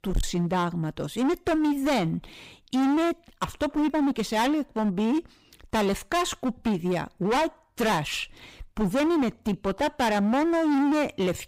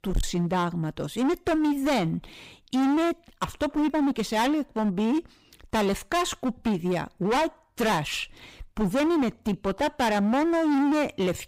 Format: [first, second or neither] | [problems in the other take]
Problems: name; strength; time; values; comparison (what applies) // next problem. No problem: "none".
neither | distortion; heavy; 22% of the sound clipped; the same in both